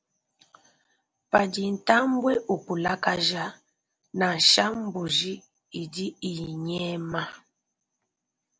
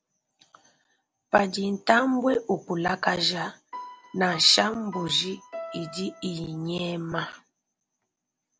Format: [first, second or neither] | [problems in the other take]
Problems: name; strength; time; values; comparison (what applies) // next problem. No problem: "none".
first | background sound (Piano); 15 dB below the speech